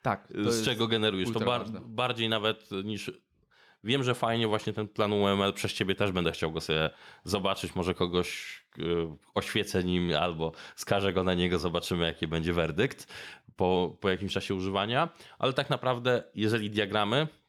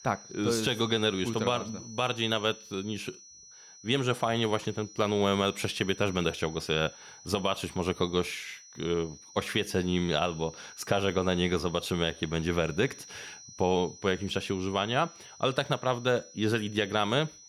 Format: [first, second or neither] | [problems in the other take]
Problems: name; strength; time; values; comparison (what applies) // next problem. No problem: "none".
first | high-pitched whine; noticeable; throughout; 6 kHz, 20 dB below the speech